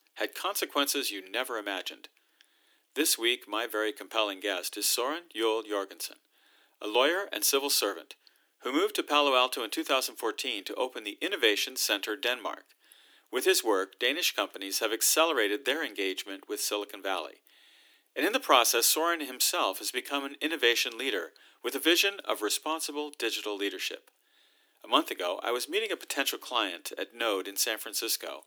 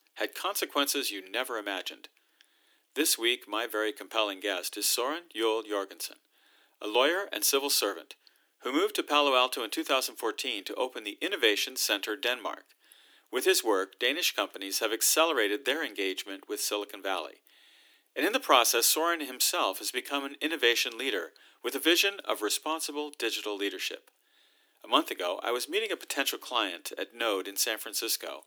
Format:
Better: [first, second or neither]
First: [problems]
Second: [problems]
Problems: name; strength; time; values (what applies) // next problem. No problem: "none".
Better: neither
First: thin; very; fading below 300 Hz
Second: thin; very; fading below 300 Hz